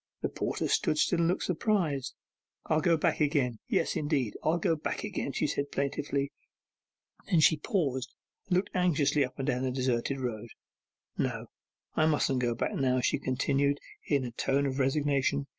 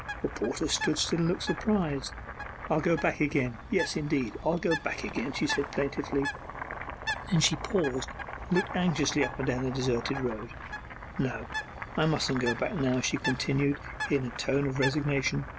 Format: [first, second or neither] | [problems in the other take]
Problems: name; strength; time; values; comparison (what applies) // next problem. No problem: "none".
first | background sound (Bird + Boiling); 8 dB below the speech